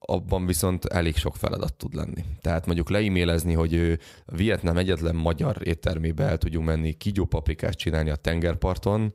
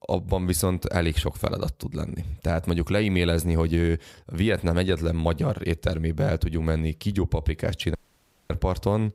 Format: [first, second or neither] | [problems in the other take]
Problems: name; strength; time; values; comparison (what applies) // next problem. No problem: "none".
first | audio cutting out; at 8 s for 0.5 s